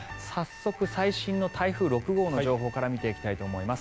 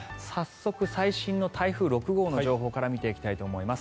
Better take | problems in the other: second | background sound (Alarm); 19 dB below the speech

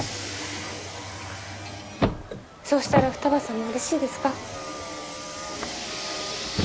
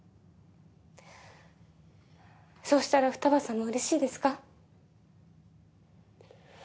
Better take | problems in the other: second | background sound (Car); 1 dB below the speech

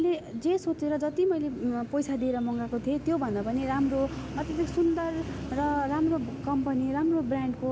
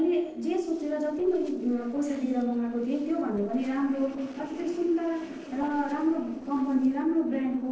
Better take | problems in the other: first | noise reduction (neural separator model SepFormer DNS4)

